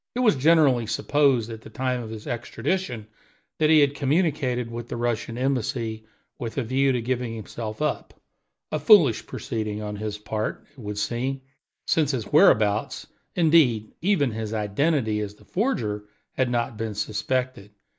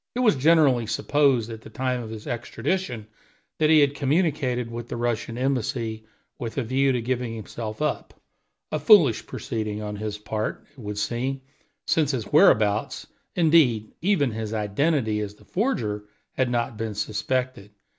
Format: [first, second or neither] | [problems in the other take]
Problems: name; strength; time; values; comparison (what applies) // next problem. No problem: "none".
second | noise reduction (neural mask model Resemble Enhance denoiser)